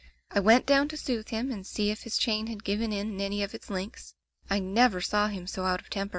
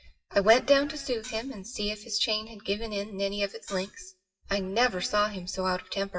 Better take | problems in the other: first | noise reduction (classical method WPE with log-MMSE)

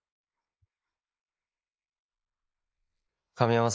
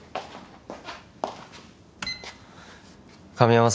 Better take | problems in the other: second | noise reduction (neural mask model Resemble Enhance denoiser)

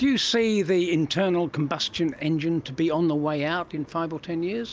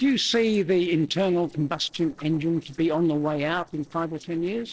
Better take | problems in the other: first | noise reduction (neural separator model SepFormer DNS4)

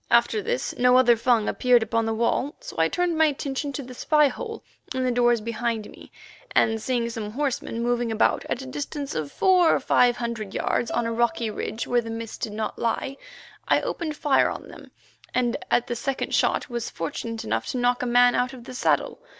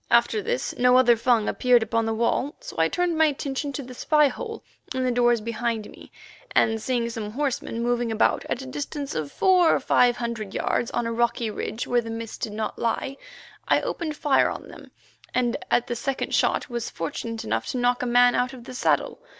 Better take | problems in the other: second | background sound (Bowed string instrument); 14 dB below the speech

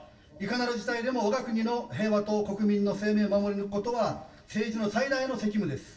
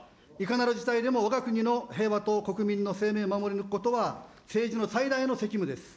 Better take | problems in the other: second | room echo; dies away in 0.1 s

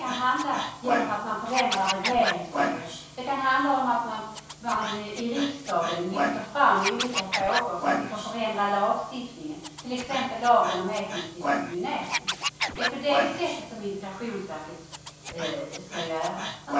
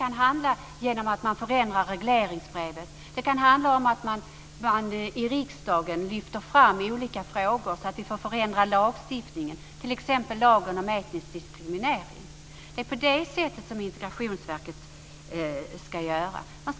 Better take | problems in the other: second | background sound (Scratching (performance technique)); 5 dB below the speech // room echo; dies away in 0.7 s

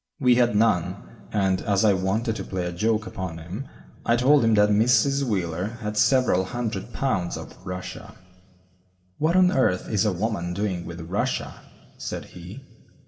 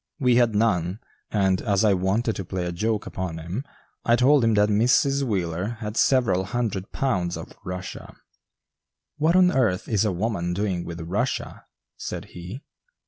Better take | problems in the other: second | room echo; dies away in 1.4 s

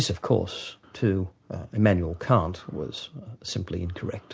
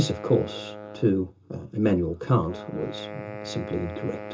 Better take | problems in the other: first | background sound (Wind instrument, woodwind instrument); 12 dB below the speech // room echo; dies away in 0.2 s

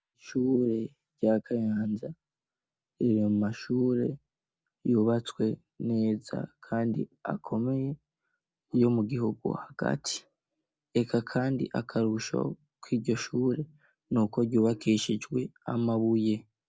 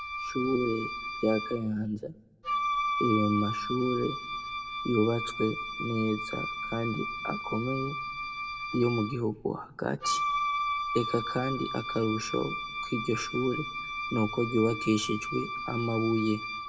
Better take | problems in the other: first | background sound (Wind instrument, woodwind instrument); 4 dB below the speech // room echo; dies away in 0.9 s

